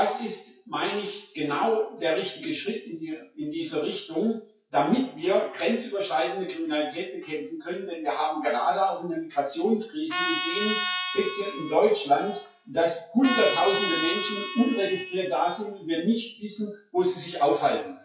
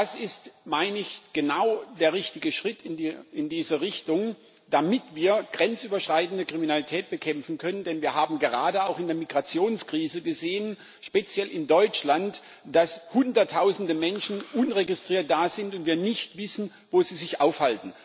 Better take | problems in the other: second | noise reduction (classical method WPE with log-MMSE)

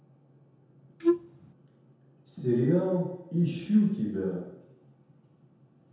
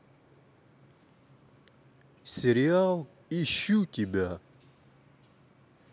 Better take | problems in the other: second | background sound (Wind instrument, woodwind instrument); 3 dB above the speech // room echo; dies away in 0.9 s

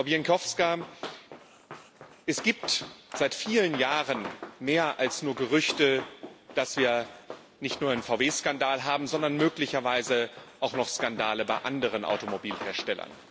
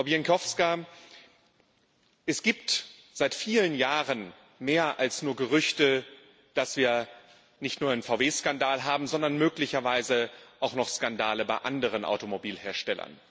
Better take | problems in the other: second | background sound (Run); 14 dB below the speech

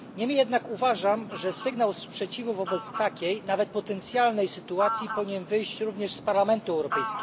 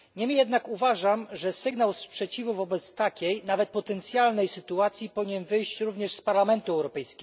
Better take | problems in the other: second | background sound (Fowl); 10 dB below the speech

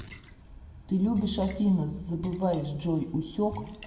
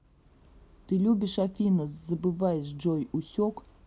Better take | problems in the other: second | background sound (Splash, splatter); 16 dB below the speech // room echo; dies away in 1.1 s

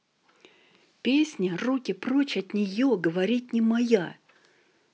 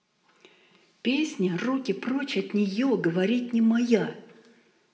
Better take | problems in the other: first | room echo; dies away in 0.8 s

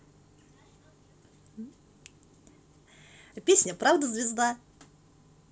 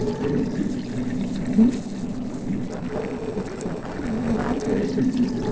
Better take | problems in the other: first | noise reduction (neural separator model SepFormer DNS4)

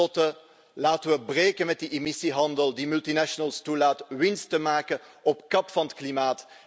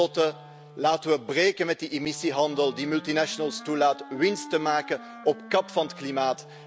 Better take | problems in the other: first | background sound (Wind instrument, woodwind instrument); 18 dB below the speech

